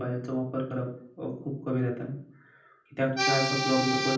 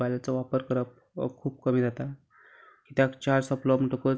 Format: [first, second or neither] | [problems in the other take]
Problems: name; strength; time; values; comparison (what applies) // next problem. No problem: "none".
second | background sound (Accordion); 3 dB above the speech // room echo; dies away in 0.6 s